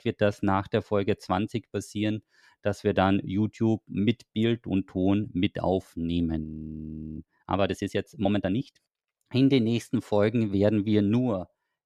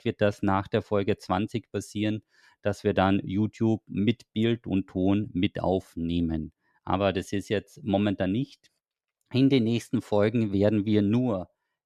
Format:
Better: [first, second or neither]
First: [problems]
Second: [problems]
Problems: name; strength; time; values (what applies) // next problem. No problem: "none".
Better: second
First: audio freezing; at 6.5 s for 0.5 s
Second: none